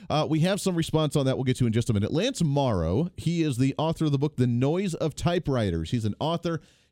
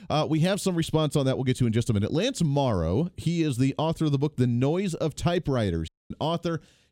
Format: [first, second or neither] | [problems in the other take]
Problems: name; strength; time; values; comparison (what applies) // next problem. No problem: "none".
first | audio cutting out; at 6 s